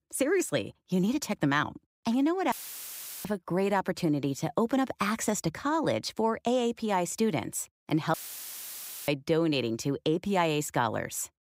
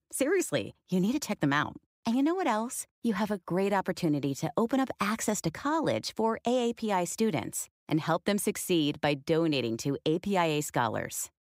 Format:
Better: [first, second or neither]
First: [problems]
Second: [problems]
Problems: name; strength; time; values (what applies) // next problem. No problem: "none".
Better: second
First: audio cutting out; filled with static; at 2.5 s for 0.5 s and at 8 s for 1 s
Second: none